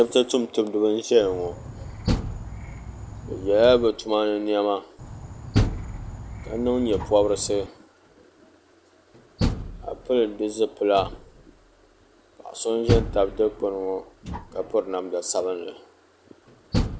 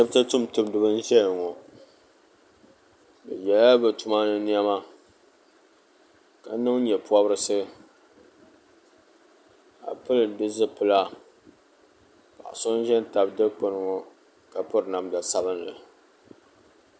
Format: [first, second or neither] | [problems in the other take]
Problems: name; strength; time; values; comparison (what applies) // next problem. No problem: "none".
second | background sound (Insect + Door); 6 dB below the speech